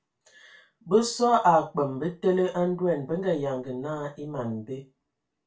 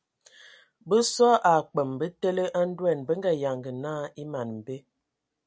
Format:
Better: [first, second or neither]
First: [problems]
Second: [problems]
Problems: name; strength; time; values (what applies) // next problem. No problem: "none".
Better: second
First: room echo; dies away in 0.2 s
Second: none